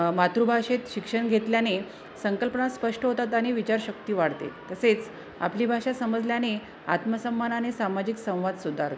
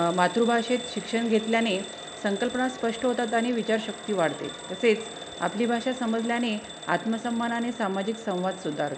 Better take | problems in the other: first | background sound (Alarm / Bell); 14 dB below the speech

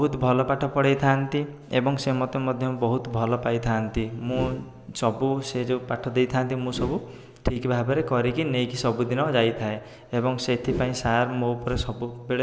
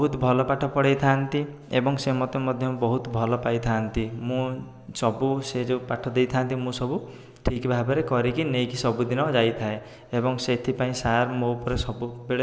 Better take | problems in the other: second | background sound (Whoosh, swoosh, swish); 13 dB below the speech

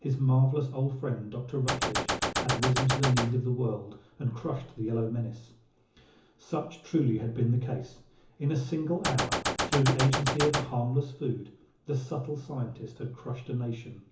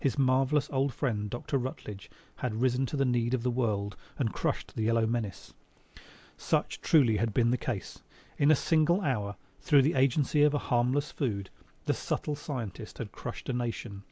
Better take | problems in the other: second | background sound (Gunshot, gunfire); as loud as the speech // room echo; dies away in 0.7 s

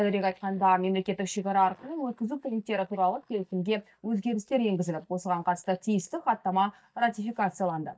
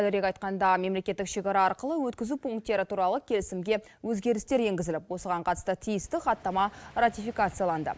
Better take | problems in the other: second | noise reduction (neural mask model DeepFilterNet 3)

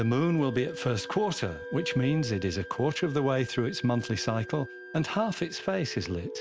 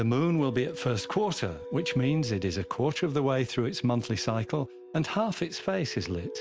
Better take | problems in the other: second | background sound (Wind instrument, woodwind instrument); 19 dB below the speech

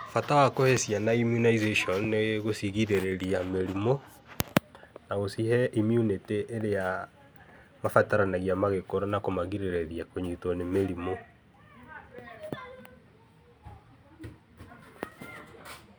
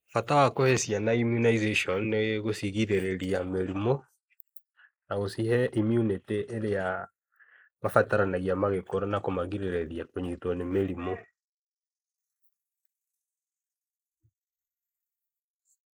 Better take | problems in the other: first | noise reduction (neural mask model Resemble Enhance denoiser)

